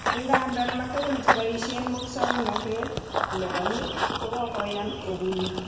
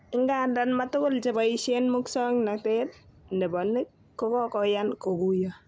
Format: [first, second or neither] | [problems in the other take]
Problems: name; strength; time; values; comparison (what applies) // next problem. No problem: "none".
second | background sound (Run / Bird vocalization, bird call, bird song); as loud as the speech // room echo; dies away in 1.2 s